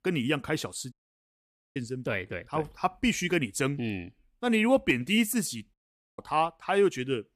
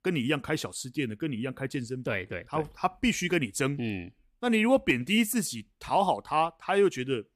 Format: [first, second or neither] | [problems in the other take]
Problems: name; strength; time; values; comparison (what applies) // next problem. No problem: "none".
second | audio cutting out; at 1 s for 1 s and at 5.5 s